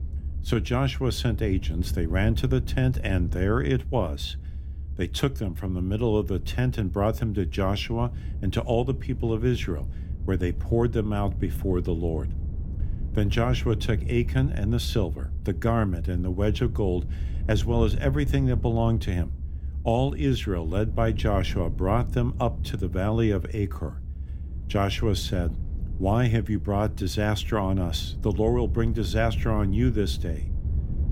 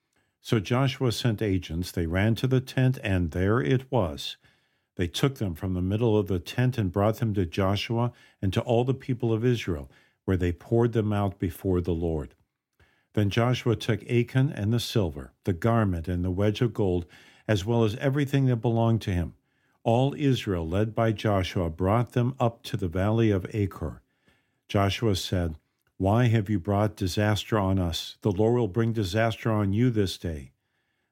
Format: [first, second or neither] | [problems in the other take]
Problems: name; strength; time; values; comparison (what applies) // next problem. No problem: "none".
second | low rumble; noticeable; throughout; 20 dB below the speech